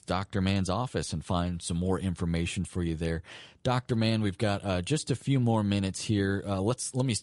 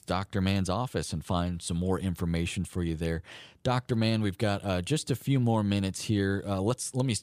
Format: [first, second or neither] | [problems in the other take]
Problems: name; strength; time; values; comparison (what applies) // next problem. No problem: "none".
second | garbled, watery; slightly; nothing above 11 kHz